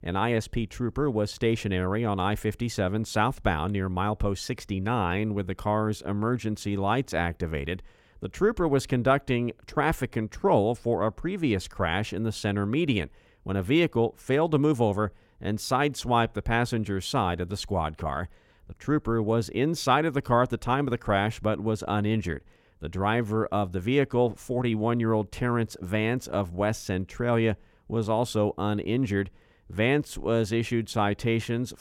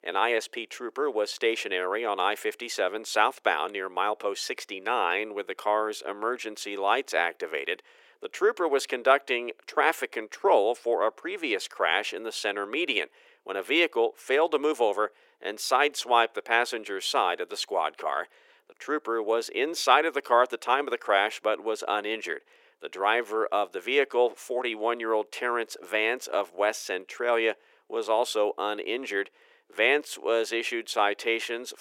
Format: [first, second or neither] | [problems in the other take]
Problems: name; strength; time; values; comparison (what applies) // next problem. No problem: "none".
first | thin; very; fading below 400 Hz